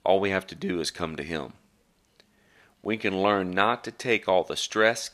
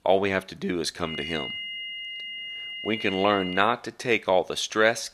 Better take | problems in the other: first | high-pitched whine; loud; from 1 to 3.5 s; 3 kHz, 8 dB below the speech

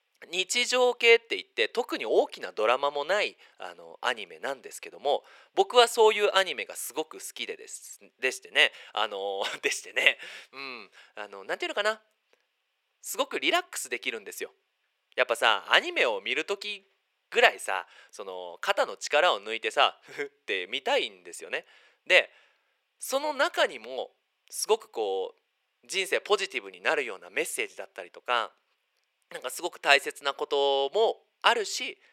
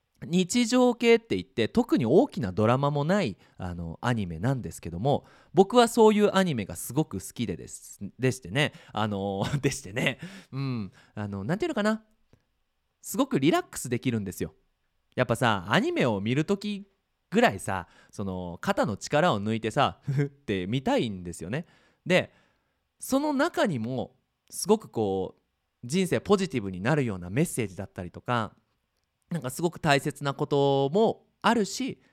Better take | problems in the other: second | thin; very; fading below 450 Hz

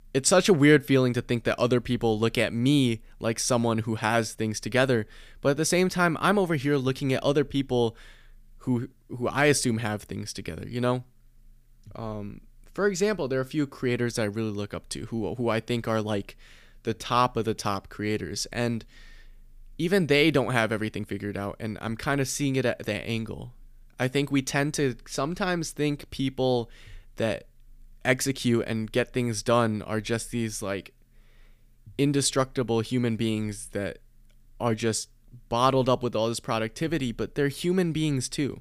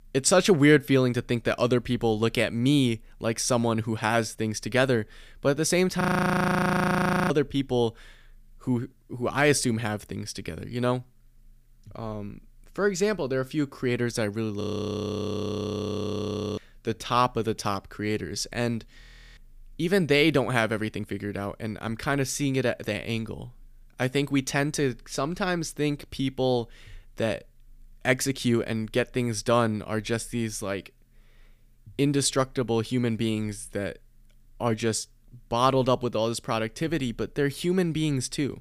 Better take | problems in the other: first | audio freezing; at 6 s for 1.5 s, at 15 s for 2 s and at 19 s

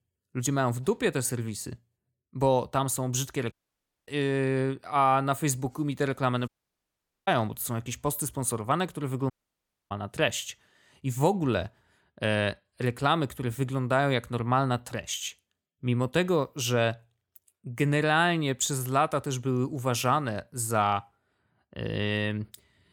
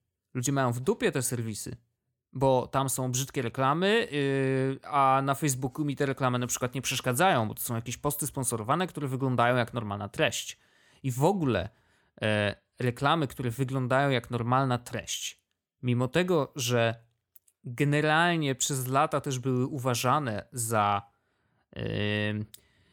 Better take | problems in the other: second | audio cutting out; at 3.5 s for 0.5 s, at 6.5 s for 1 s and at 9.5 s for 0.5 s

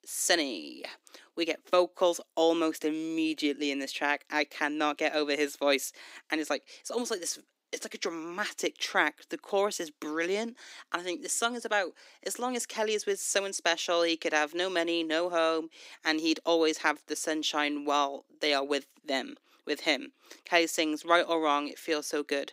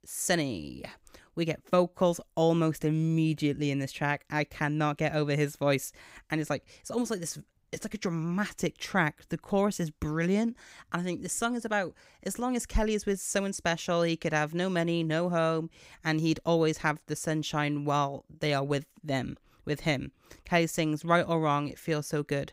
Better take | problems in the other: second | thin; somewhat; fading below 300 Hz

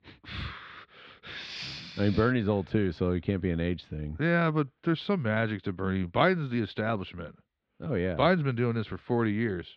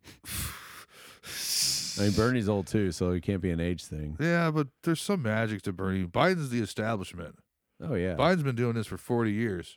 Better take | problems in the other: second | muffled; slightly; fading above 4 kHz

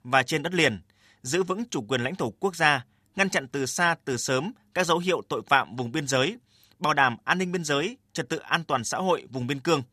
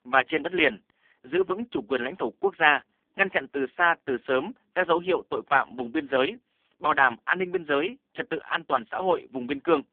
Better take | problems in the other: first | phone-call audio; poor line

